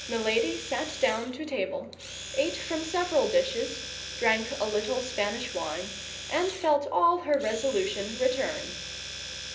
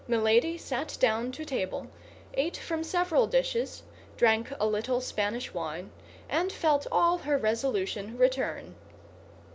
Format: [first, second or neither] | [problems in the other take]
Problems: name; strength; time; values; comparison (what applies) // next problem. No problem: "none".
second | background sound (Domestic sounds, home sounds); 10 dB below the speech // room echo; dies away in 0.5 s